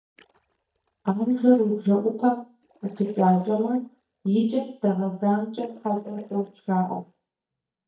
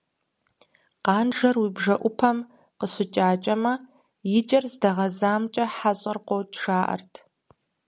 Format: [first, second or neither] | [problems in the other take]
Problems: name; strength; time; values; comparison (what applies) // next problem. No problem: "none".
second | noise reduction (neural mask model DeepFilterNet 3)